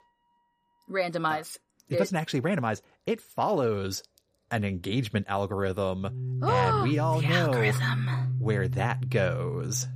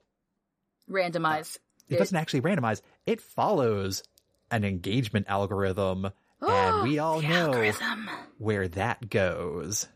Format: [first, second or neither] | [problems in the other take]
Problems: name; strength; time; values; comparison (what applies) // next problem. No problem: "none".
second | background music; loud; throughout; 2 dB below the speech